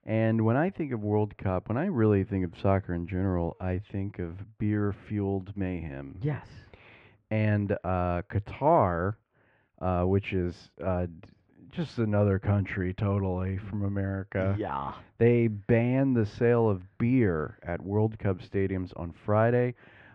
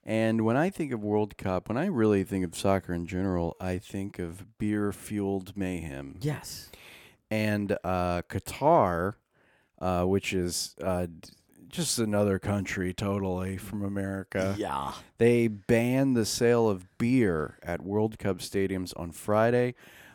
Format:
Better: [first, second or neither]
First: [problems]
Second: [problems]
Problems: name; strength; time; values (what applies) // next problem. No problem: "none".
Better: second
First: muffled; very; fading above 2.5 kHz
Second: none